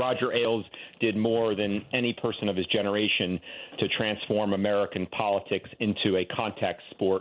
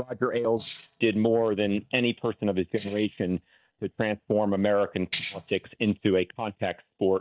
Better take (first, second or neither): first